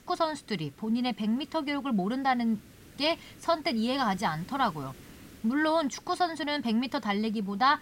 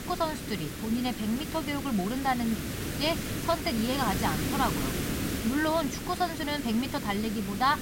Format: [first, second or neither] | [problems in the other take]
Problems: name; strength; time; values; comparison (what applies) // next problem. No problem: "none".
first | hiss; loud; throughout; 3 dB below the speech; faint in the first